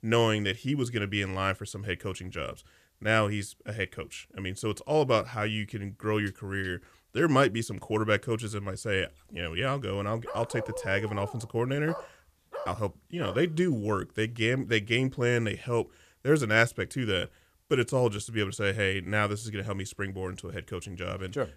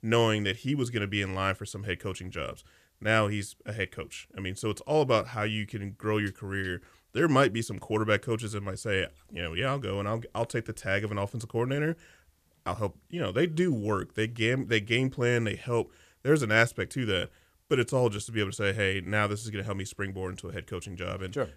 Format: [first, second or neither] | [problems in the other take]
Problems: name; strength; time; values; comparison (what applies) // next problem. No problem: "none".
second | dog barking; noticeable; from 10 to 13 s; peak 9 dB below the speech